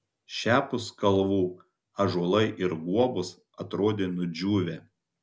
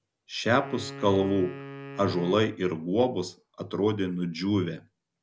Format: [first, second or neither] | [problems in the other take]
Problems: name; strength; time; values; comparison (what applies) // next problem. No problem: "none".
first | background sound (Wind instrument, woodwind instrument); 15 dB below the speech